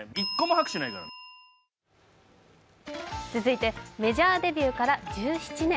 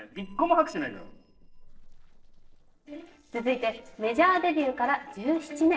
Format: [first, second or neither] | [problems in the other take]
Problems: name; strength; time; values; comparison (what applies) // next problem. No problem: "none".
first | noise reduction (neural separator model SepFormer DNS4)